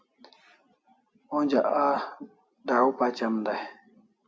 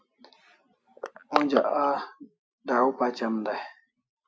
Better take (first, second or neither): first